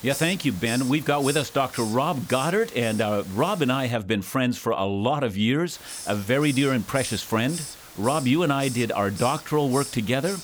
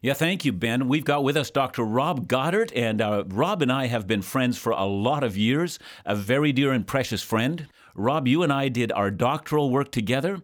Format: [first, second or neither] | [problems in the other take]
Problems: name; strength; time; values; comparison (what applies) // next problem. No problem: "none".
second | hiss; noticeable; until 4 s and from 5.5 s on; 10 dB below the speech